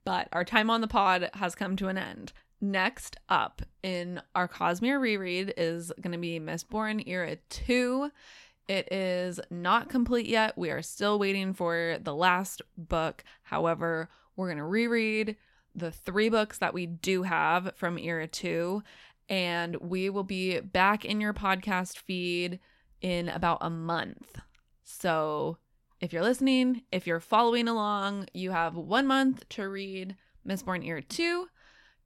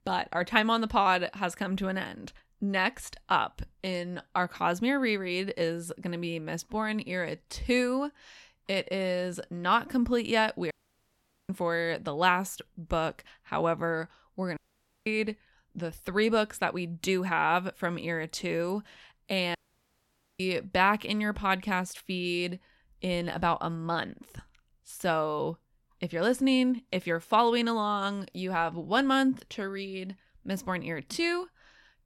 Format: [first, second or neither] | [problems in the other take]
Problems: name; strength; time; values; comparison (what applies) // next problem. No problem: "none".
first | audio cutting out; at 11 s for 1 s, at 15 s and at 20 s for 1 s